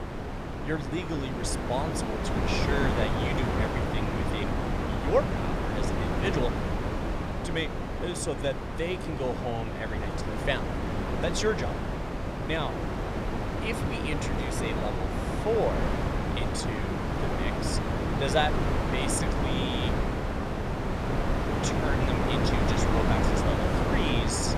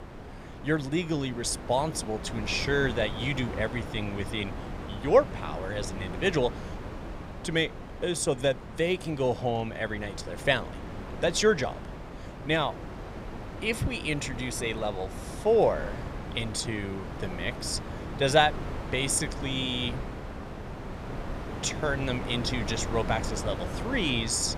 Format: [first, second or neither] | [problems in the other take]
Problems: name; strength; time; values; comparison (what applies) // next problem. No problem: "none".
second | wind noise on the microphone; heavy; 1 dB above the speech; occasional gusts in the second